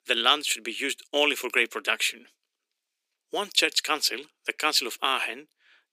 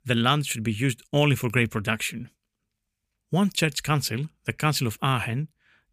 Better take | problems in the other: second | thin; very; fading below 300 Hz

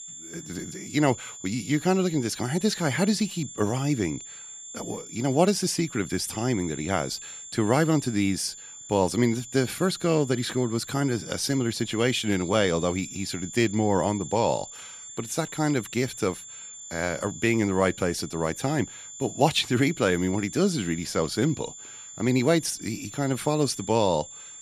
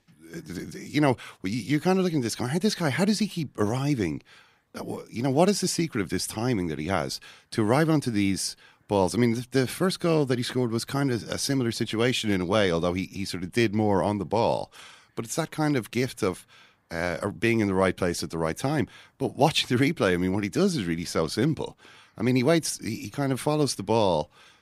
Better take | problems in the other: second | high-pitched whine; noticeable; throughout; 7 kHz, 15 dB below the speech

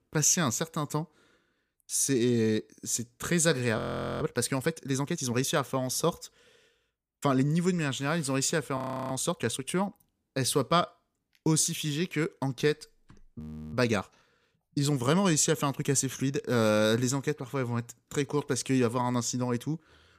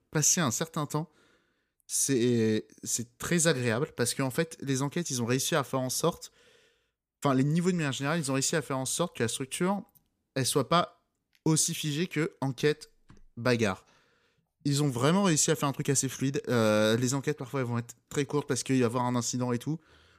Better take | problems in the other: second | audio freezing; at 4 s, at 9 s and at 13 s

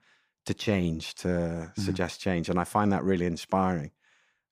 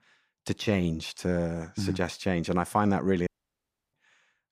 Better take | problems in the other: first | audio cutting out; at 3.5 s for 0.5 s

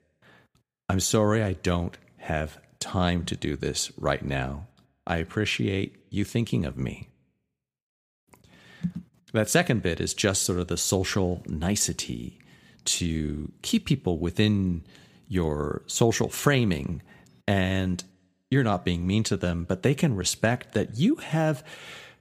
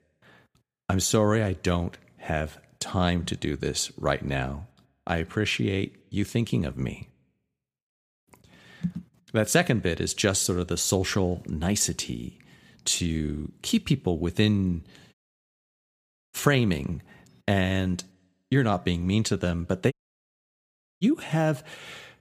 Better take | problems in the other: first | audio cutting out; at 15 s for 1 s and at 20 s for 1 s

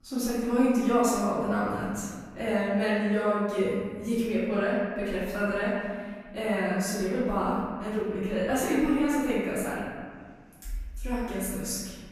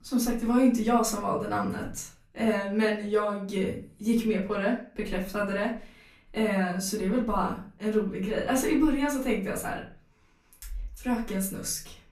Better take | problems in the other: second | room echo; strong; dies away in 1.9 s; slight in the second // off-mic speech; far; far in the second

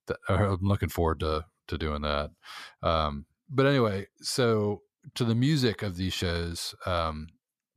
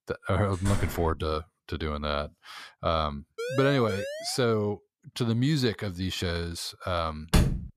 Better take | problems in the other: first | door banging; noticeable; at 0.5 s; peak 6 dB below the speech // siren; noticeable; from 3.5 to 4.5 s; peak 6 dB below the speech // door banging; loud; at 7.5 s; peak 4 dB above the speech

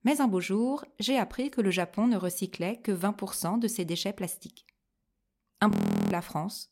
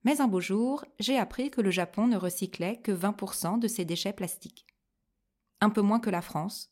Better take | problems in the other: second | audio freezing; at 5.5 s

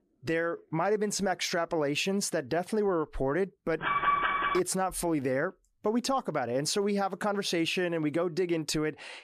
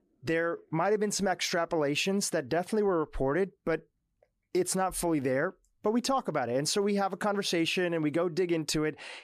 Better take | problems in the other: second | alarm; loud; at 4 s; peak 4 dB above the speech

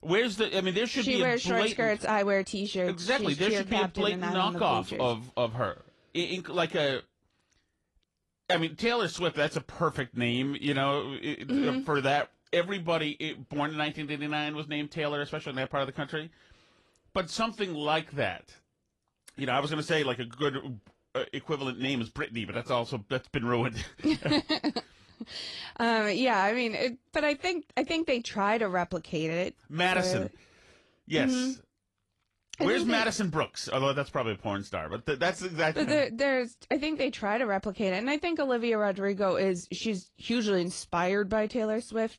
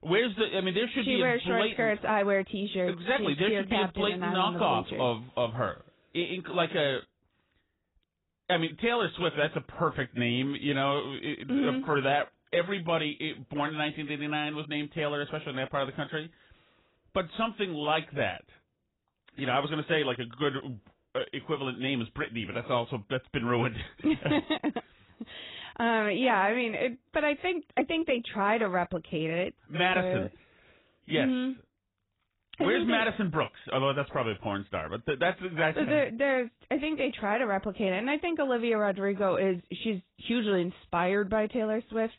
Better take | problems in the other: first | garbled, watery; badly; nothing above 4 kHz; slightly in the first

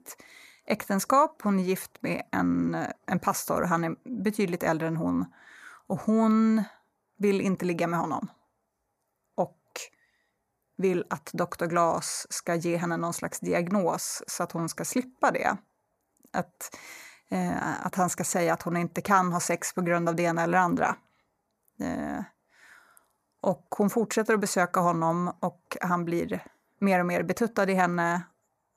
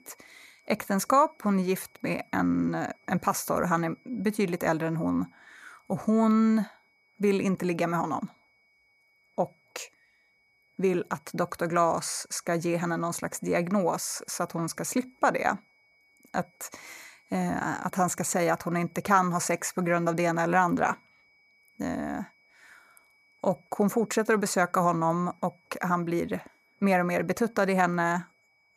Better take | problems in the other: first | high-pitched whine; faint; throughout; 2 kHz, 35 dB below the speech

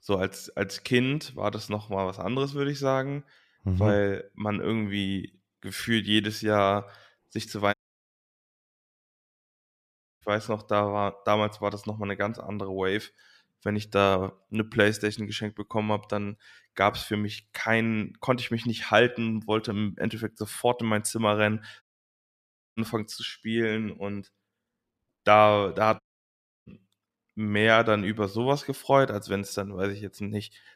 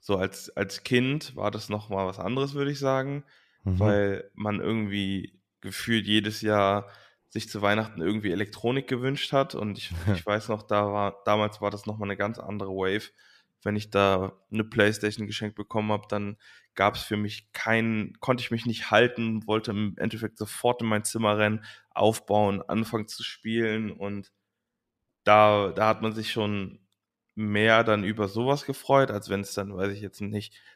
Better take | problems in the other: second | audio cutting out; at 7.5 s for 2.5 s, at 22 s for 1 s and at 26 s for 0.5 s

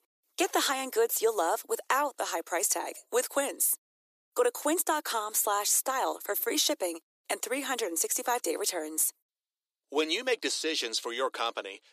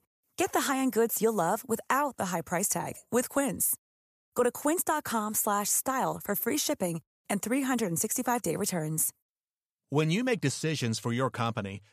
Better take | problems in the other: second | thin; somewhat; fading below 300 Hz

